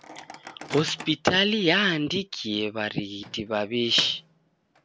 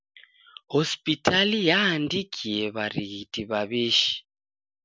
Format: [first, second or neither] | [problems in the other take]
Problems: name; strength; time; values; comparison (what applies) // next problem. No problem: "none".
second | background sound (Microwave oven); 17 dB below the speech